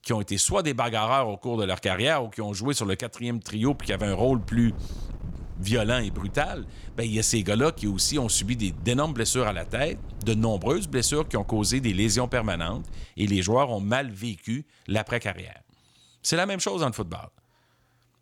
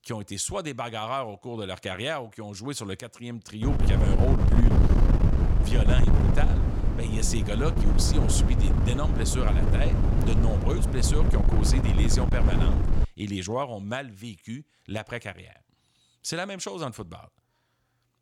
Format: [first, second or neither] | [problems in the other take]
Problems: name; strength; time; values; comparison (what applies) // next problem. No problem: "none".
first | wind noise on the microphone; heavy; from 3.5 to 13 s; 2 dB below the speech; occasional gusts in the first